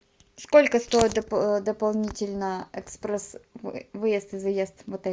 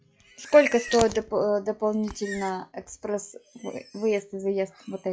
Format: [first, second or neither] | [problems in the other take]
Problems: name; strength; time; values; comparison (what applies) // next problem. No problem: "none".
first | noise reduction (classical method log-MMSE)